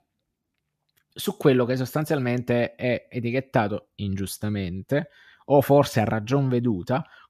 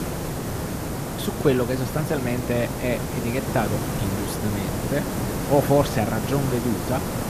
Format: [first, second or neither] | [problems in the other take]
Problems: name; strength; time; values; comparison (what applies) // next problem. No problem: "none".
first | hiss; loud; throughout; 3 dB below the speech